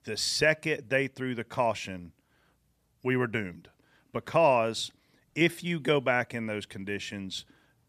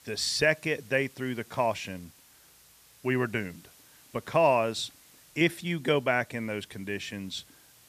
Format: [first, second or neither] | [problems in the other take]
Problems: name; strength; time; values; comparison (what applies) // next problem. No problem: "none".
first | hiss; faint; throughout; 25 dB below the speech